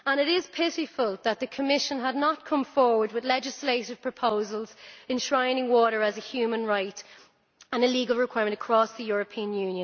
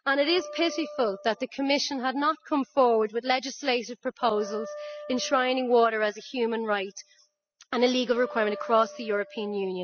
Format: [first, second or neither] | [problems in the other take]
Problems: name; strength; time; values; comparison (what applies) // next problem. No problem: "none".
first | noise reduction (classical method spectral subtraction)